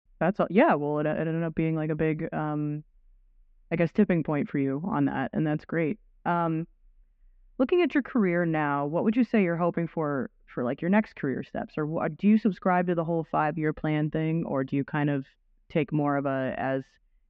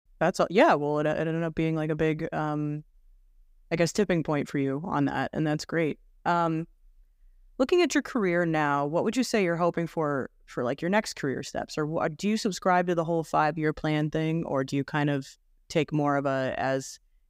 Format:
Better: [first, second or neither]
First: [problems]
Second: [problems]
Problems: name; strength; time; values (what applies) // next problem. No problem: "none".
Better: second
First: muffled; very; fading above 2.5 kHz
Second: none